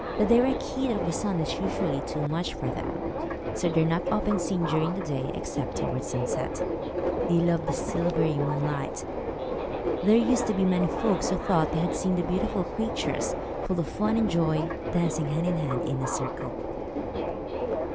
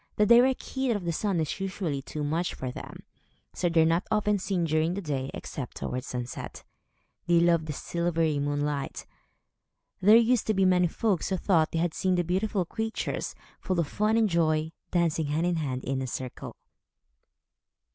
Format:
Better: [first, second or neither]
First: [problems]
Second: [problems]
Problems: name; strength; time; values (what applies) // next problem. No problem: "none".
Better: second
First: background sound (Subway, metro, underground); 2 dB below the speech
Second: none